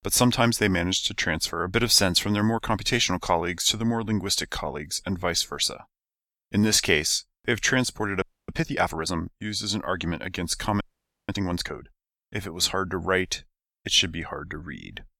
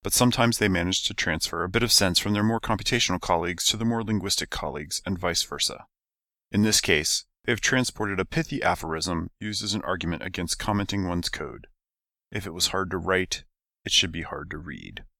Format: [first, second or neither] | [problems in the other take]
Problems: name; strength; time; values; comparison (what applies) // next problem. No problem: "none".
second | audio freezing; at 8 s and at 11 s